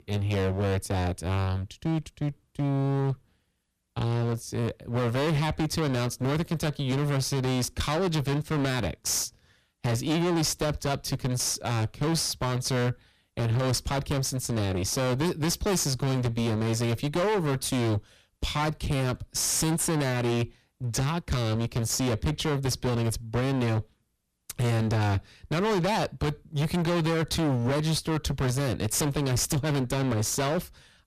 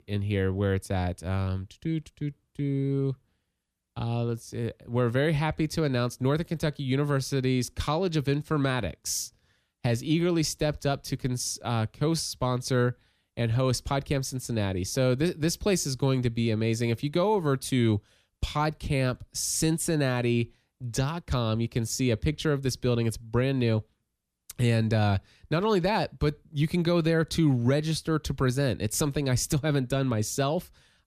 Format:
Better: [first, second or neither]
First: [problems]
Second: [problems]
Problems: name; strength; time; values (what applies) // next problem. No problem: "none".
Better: second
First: distortion; heavy; 27% of the sound clipped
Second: none